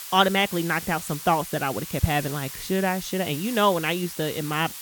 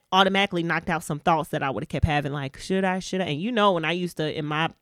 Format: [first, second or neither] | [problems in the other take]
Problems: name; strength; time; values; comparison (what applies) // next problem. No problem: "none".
second | hiss; loud; throughout; 10 dB below the speech